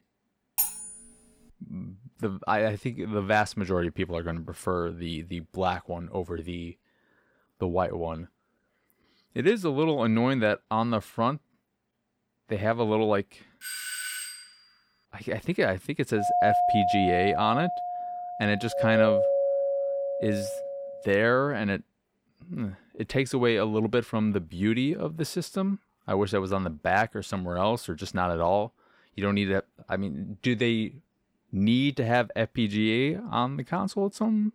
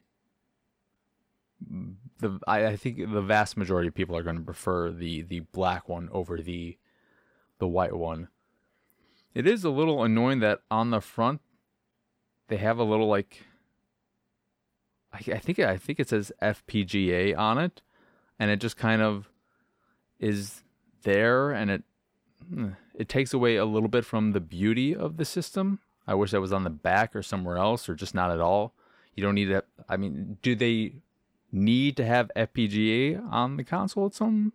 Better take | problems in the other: second | clattering dishes; loud; at 0.5 s; peak 1 dB above the speech // doorbell; noticeable; at 14 s; peak 4 dB below the speech // doorbell; loud; from 16 to 21 s; peak 5 dB above the speech

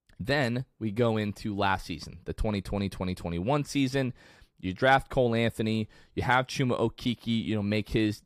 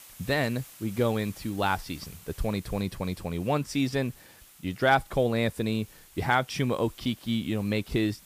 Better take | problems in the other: first | hiss; faint; throughout; 20 dB below the speech

